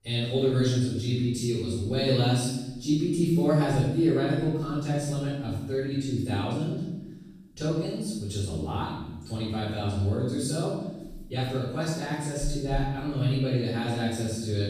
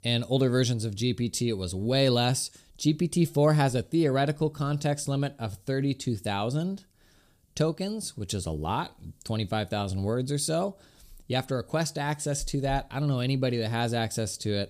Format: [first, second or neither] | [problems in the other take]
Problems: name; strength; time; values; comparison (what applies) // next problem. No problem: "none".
second | off-mic speech; far // room echo; strong; dies away in 1.1 s